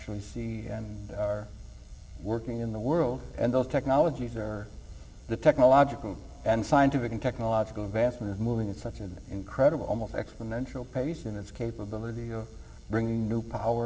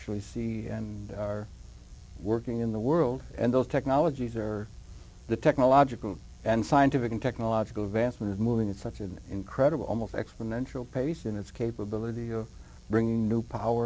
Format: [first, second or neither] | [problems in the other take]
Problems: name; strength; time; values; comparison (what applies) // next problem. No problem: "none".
second | room echo; dies away in 1.3 s